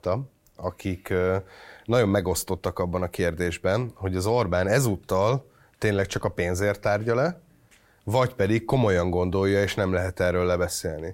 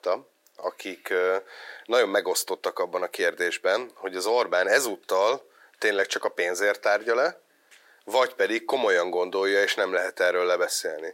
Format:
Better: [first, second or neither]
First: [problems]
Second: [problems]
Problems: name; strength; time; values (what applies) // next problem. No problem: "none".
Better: first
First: none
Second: thin; very; fading below 350 Hz